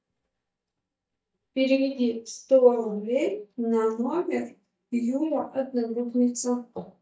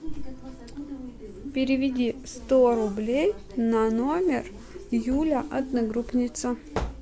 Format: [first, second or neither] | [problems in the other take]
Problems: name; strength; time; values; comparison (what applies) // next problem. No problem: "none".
second | noise reduction (neural mask model DeepFilterNet 3)